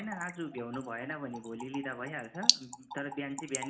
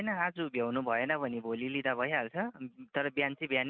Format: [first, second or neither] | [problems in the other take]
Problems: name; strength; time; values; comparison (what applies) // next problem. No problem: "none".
second | background sound (Trickle, dribble / Splash, splatter); 2 dB above the speech // room echo; dies away in 0.4 s